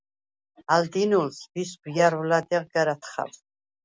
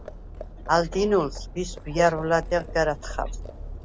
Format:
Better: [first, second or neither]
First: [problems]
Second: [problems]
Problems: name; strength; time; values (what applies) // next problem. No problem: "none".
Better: first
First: none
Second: background sound (Livestock, farm animals, working animals); 10 dB below the speech